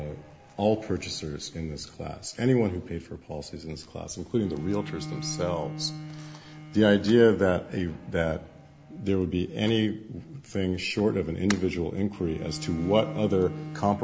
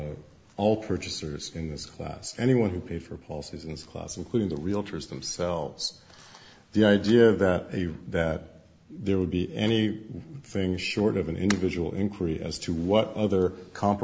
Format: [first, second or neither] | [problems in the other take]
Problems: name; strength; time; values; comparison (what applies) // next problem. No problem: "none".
second | background sound (Bowed string instrument); 15 dB below the speech